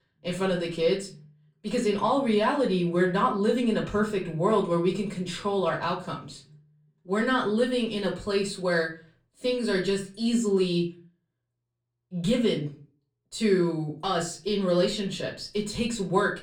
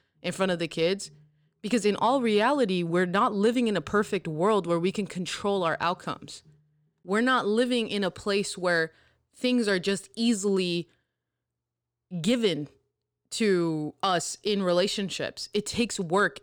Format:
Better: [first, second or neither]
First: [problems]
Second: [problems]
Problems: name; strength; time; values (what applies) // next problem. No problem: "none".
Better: second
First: off-mic speech; far // room echo; slight; dies away in 0.3 s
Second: none